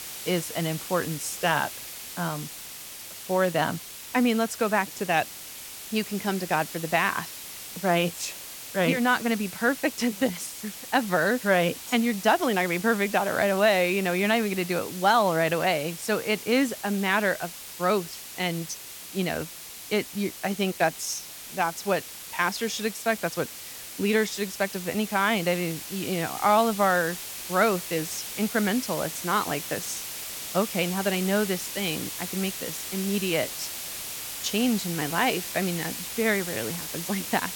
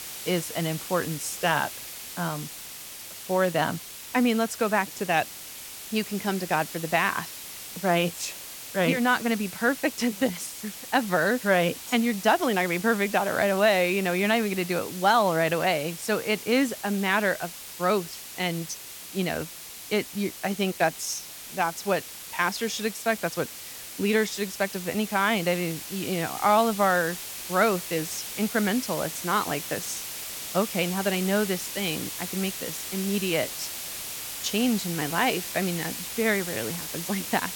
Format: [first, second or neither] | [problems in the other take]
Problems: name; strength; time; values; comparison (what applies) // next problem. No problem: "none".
neither | hiss; loud; throughout; 9 dB below the speech; the same in both